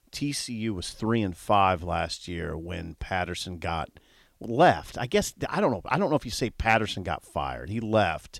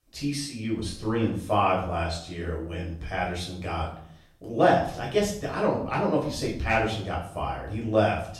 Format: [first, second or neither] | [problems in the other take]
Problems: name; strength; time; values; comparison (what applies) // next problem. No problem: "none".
first | off-mic speech; far // room echo; noticeable; dies away in 0.5 s